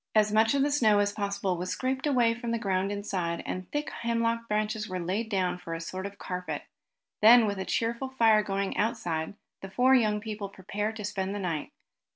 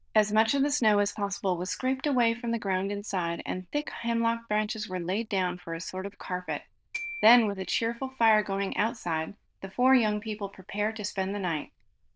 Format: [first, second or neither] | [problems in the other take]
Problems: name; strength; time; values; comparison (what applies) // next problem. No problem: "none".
first | noise reduction (neural diffusion model UNIVERSE++)